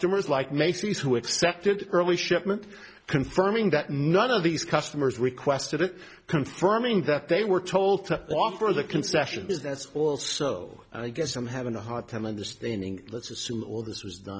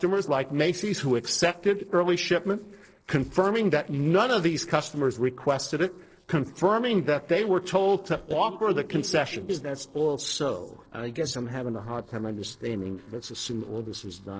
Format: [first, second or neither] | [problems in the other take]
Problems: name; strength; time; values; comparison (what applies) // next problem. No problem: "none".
first | noise reduction (neural separator model SepFormer DNS4)